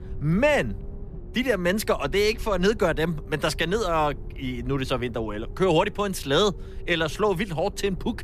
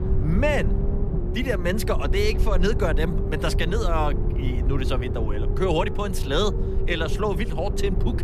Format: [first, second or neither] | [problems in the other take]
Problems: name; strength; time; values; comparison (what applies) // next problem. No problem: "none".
first | low rumble; loud; throughout; 9 dB below the speech; faint in the first